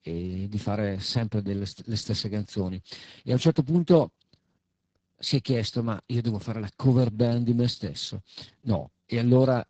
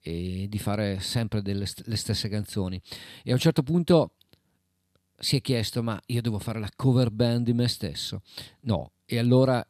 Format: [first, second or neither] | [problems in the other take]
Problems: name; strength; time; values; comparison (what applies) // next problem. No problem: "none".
second | garbled, watery; badly; nothing above 8 kHz